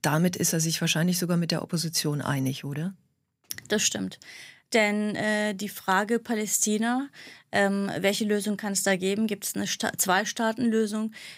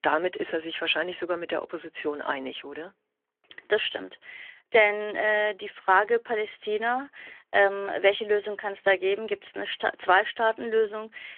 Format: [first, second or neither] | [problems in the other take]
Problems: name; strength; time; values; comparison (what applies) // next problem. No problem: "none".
first | phone-call audio; nothing above 3.5 kHz